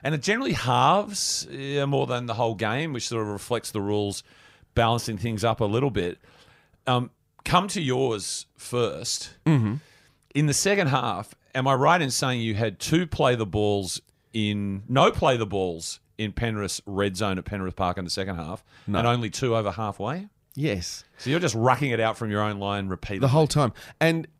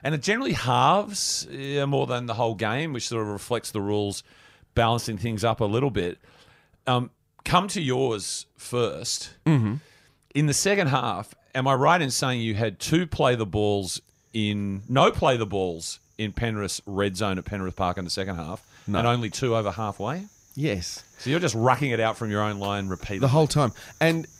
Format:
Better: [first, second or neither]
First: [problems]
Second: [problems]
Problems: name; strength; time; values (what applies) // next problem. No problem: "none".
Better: first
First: none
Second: animal sounds; faint; throughout; 30 dB below the speech